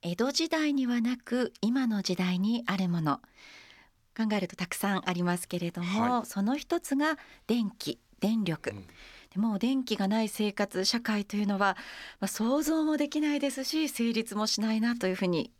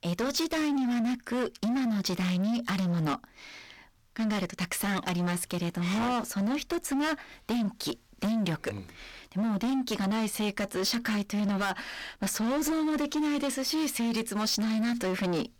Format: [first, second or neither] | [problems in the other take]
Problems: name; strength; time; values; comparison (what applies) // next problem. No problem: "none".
first | distortion; heavy; 28% of the sound clipped